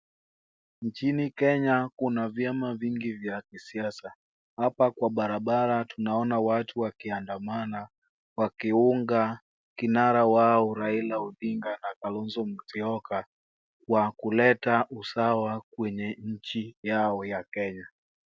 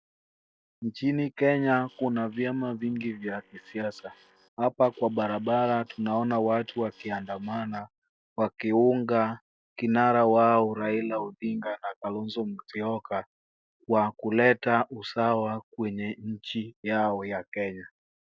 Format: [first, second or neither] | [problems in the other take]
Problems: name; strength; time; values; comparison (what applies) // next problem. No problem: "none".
first | noise reduction (neural separator model SepFormer DNS4)